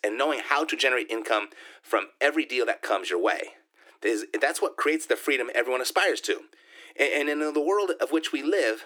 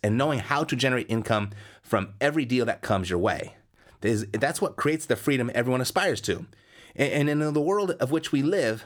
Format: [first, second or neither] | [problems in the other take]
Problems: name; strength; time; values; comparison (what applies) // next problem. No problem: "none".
second | thin; somewhat; fading below 300 Hz